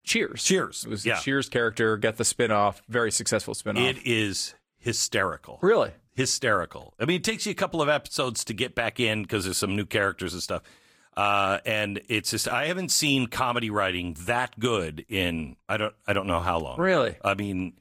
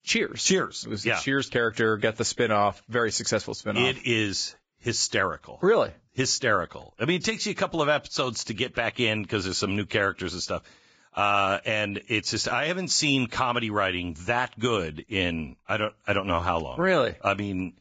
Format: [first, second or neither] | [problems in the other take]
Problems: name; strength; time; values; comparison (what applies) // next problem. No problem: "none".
first | garbled, watery; badly; nothing above 7.5 kHz; slightly in the first